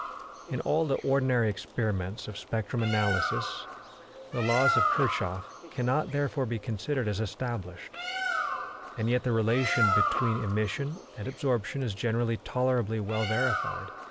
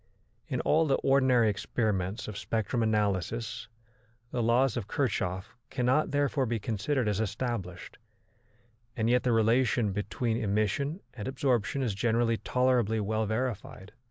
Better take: second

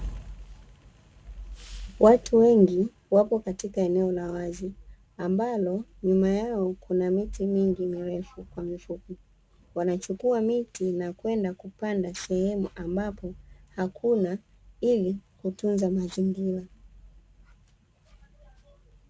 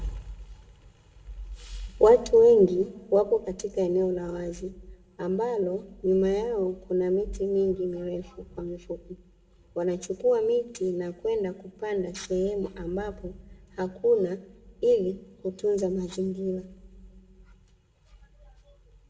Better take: first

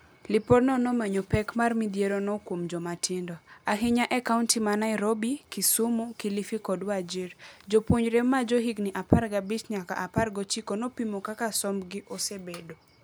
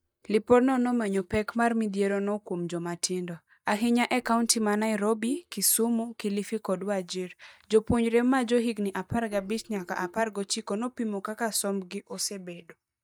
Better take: first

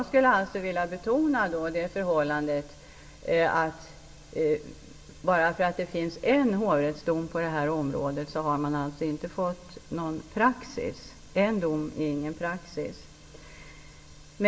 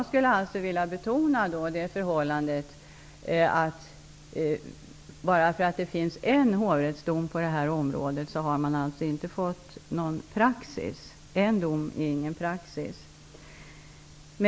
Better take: second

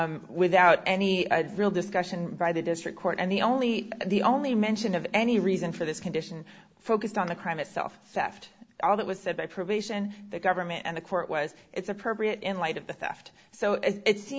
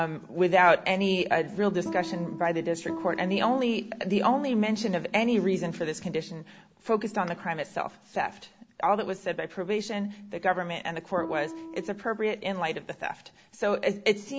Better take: first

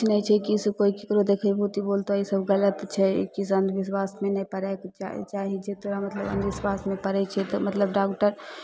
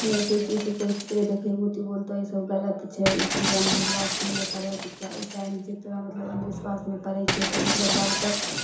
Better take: first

